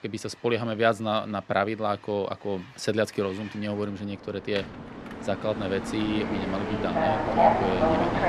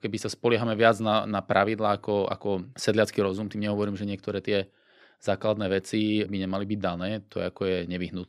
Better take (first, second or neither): second